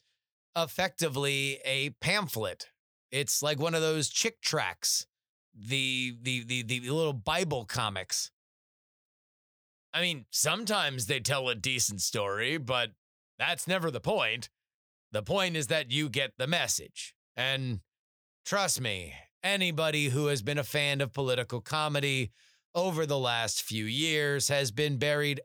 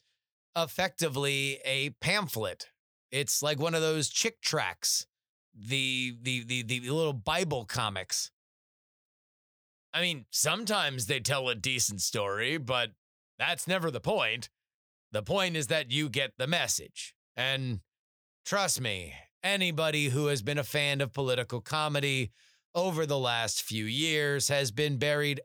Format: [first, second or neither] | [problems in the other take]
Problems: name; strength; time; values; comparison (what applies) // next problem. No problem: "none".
neither | none